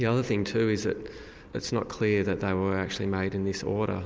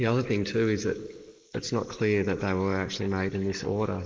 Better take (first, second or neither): first